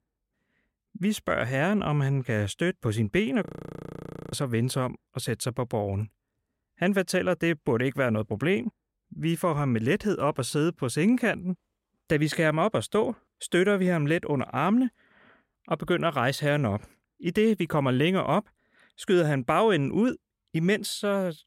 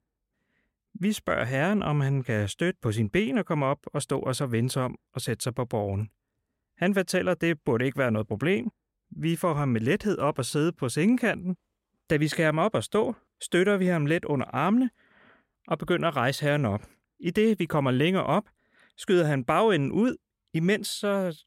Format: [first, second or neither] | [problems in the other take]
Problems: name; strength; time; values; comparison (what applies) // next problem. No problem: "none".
second | audio freezing; at 3.5 s for 1 s